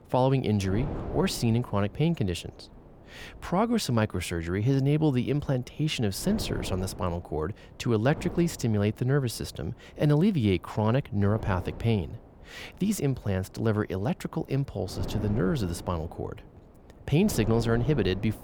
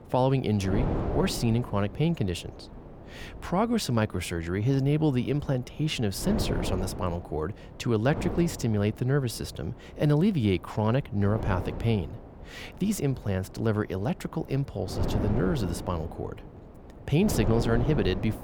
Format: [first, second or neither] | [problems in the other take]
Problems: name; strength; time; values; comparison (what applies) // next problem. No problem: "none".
first | wind noise on the microphone; heavy; 9 dB below the speech; occasional gusts in the first